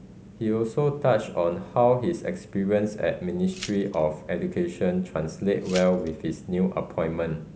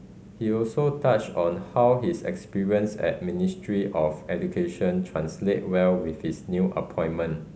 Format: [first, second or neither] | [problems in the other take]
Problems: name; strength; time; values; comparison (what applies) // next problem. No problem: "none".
second | background sound (Glass); 17 dB below the speech